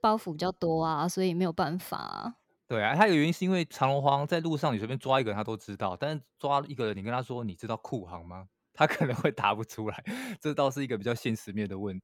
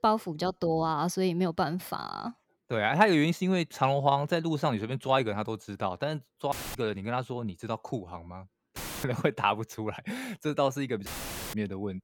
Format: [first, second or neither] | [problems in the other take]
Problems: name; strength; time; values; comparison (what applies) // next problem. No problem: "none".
first | audio cutting out; filled with static; at 6.5 s, at 9 s and at 11 s